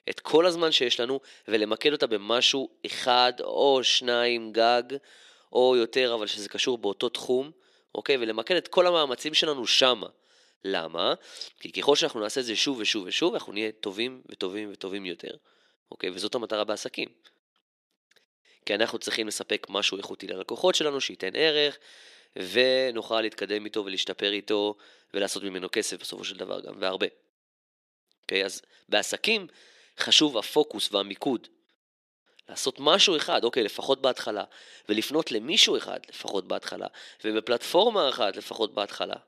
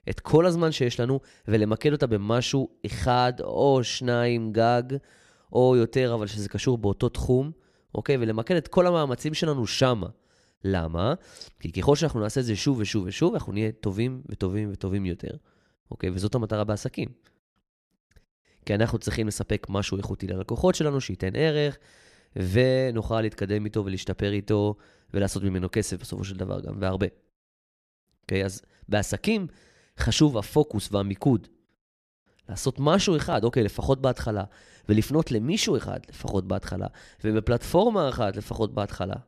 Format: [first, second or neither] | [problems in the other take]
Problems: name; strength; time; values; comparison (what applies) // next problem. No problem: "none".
second | thin; somewhat; fading below 300 Hz